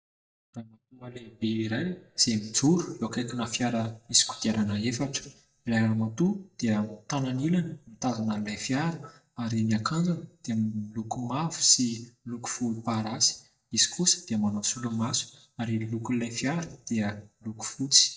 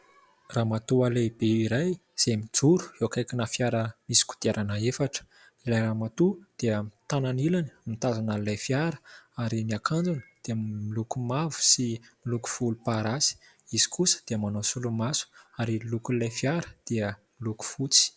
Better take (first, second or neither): second